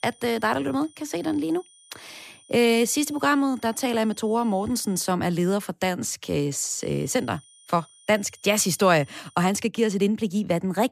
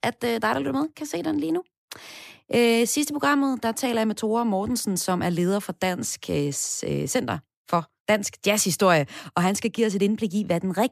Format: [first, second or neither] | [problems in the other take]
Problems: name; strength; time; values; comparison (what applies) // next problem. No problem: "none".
second | high-pitched whine; faint; until 5 s and from 7 to 9.5 s; 9 kHz, 25 dB below the speech